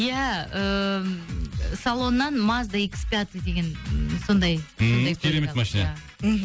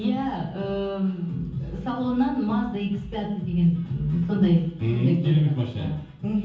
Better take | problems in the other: first | room echo; dies away in 0.7 s

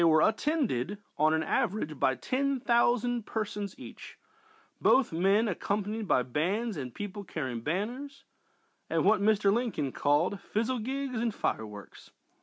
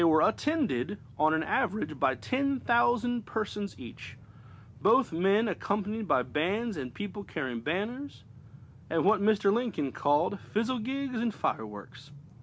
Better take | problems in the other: first | background sound (Train); 20 dB below the speech

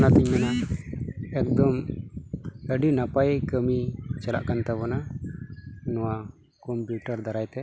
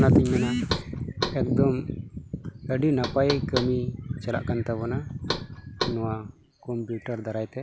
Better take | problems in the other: first | background sound (Knock); 11 dB below the speech

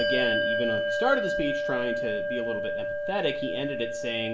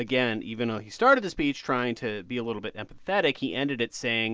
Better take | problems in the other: second | background sound (Bell); 3 dB above the speech // room echo; dies away in 0.4 s

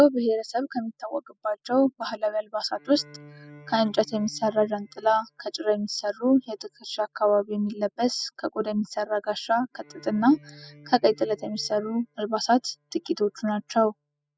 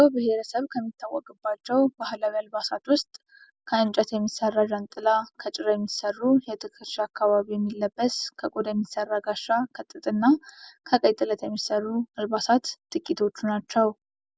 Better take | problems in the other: second | noise reduction (classical method spectral subtraction)

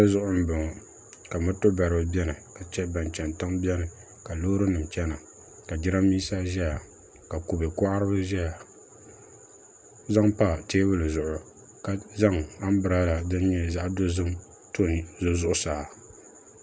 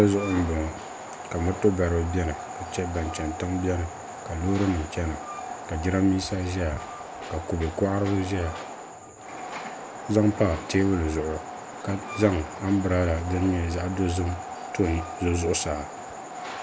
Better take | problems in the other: first | background sound (Train); 10 dB below the speech

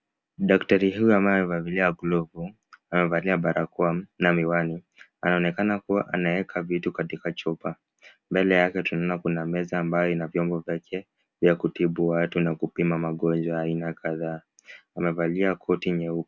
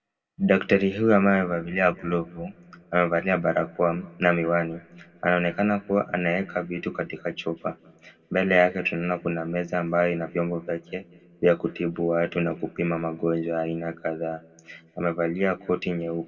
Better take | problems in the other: first | room echo; dies away in 1.1 s

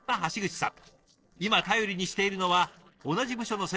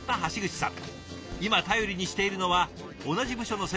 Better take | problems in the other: second | noise reduction (neural separator model SepFormer DNS4)

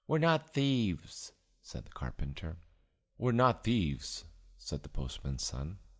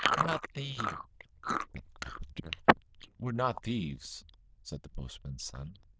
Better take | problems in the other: first | noise reduction (neural diffusion model UNIVERSE++)

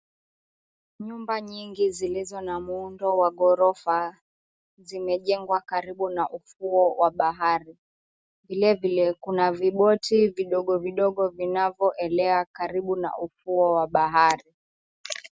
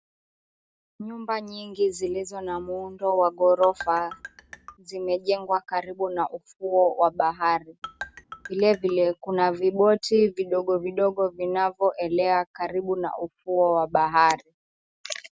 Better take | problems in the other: first | background sound (Marimba, xylophone); 16 dB below the speech

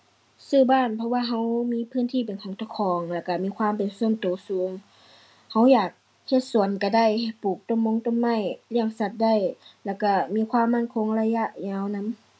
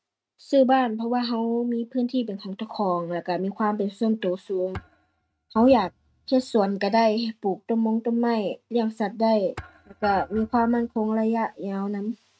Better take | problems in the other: first | noise reduction (neural mask model RNNoise)

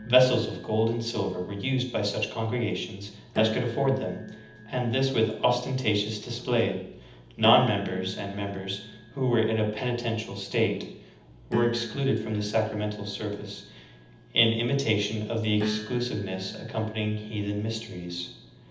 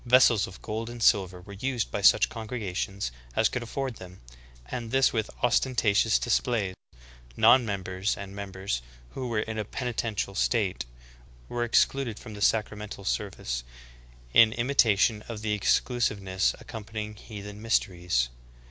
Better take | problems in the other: second | background sound (Piano); 13 dB below the speech // room echo; dies away in 0.8 s

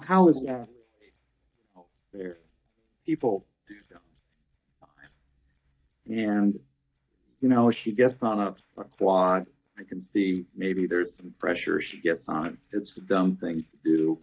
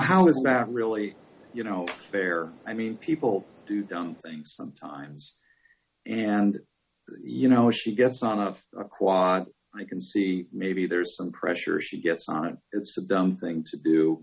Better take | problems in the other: second | noise reduction (neural mask model DeepFilterNet 3)

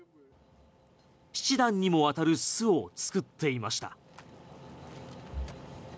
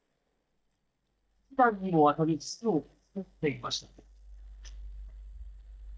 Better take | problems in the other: first | noise reduction (neural mask model DeepFilterNet 3)

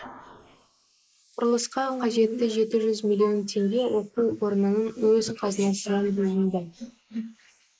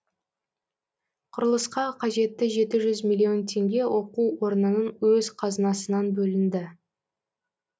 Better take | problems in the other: second | noise reduction (neural mask model Resemble Enhance denoiser)

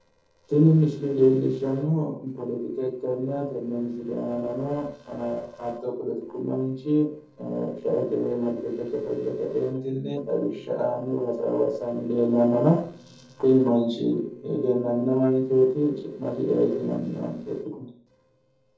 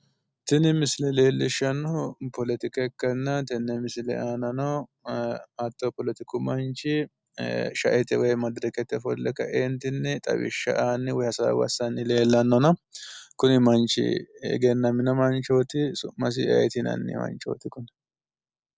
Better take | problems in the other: second | noise reduction (neural separator model SepFormer DNS4)

